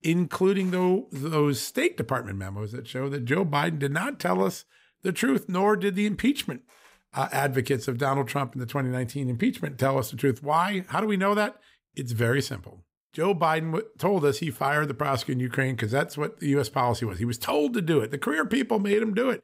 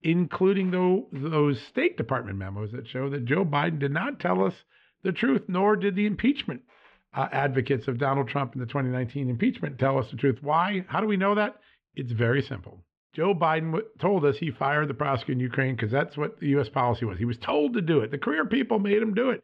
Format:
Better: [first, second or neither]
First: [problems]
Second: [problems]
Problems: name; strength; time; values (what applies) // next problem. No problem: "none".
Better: first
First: none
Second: muffled; very; fading above 3 kHz